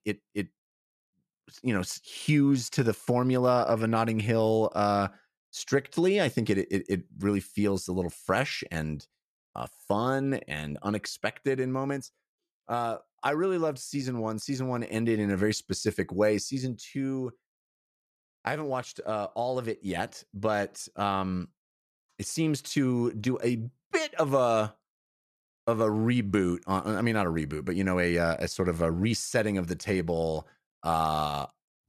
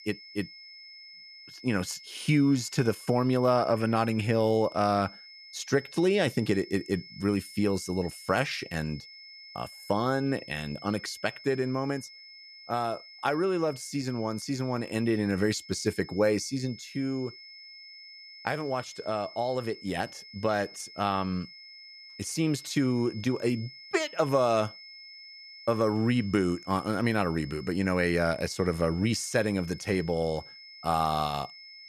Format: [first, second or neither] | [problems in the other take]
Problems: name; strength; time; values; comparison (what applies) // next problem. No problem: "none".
first | high-pitched whine; noticeable; throughout; 5 kHz, 15 dB below the speech